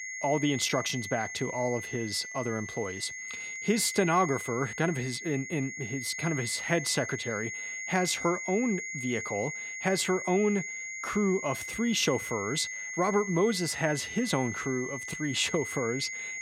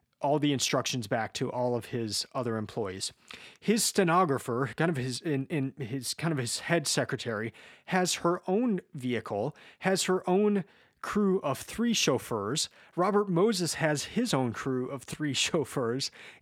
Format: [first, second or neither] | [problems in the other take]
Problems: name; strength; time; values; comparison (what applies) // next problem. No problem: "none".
second | high-pitched whine; loud; throughout; 2 kHz, 6 dB below the speech